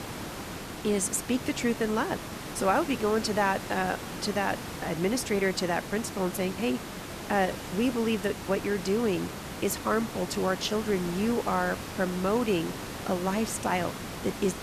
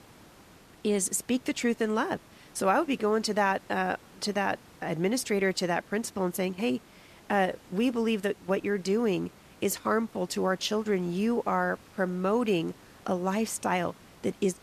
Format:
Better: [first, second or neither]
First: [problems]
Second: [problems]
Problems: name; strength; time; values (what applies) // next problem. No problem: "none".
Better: second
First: hiss; loud; throughout; 8 dB below the speech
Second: hiss; faint; throughout; 25 dB below the speech